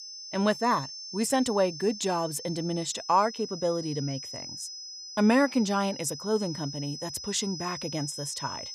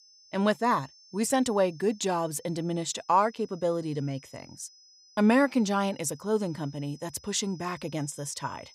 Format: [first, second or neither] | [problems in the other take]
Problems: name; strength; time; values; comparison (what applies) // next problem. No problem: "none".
second | high-pitched whine; loud; throughout; 5 kHz, 10 dB below the speech; faint in the second